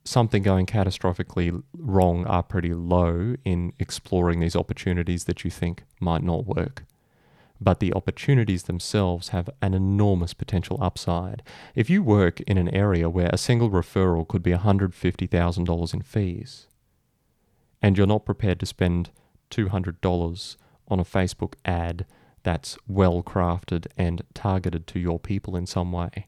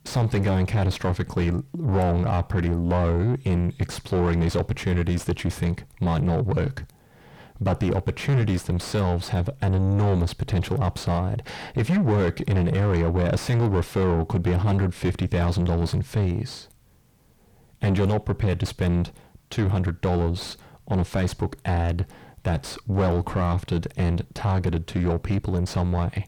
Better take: first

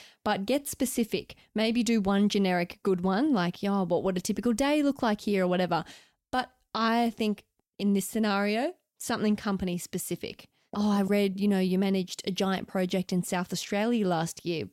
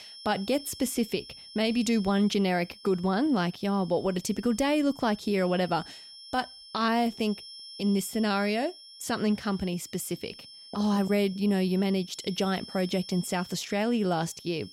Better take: first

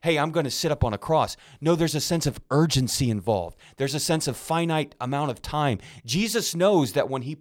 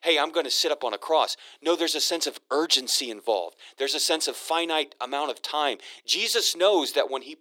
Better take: first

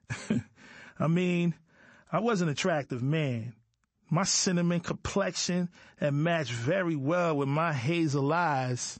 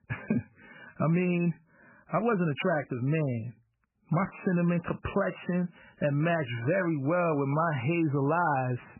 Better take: first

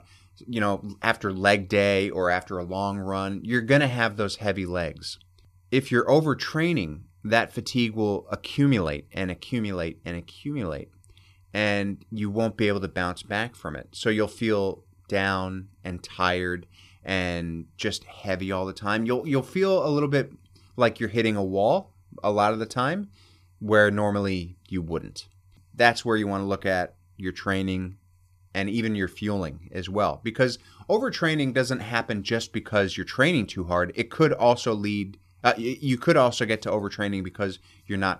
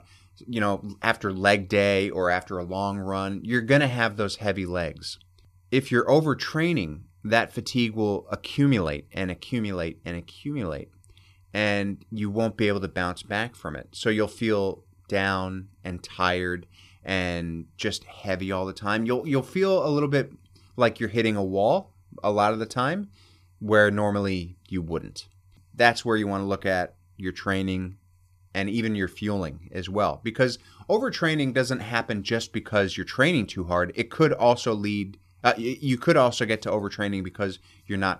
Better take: neither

